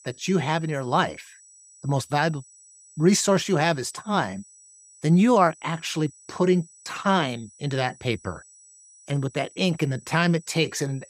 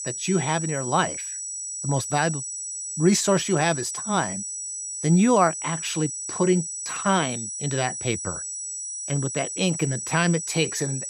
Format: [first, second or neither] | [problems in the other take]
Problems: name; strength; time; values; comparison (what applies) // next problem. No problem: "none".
first | high-pitched whine; loud; throughout; 8 kHz, 5 dB below the speech; faint in the first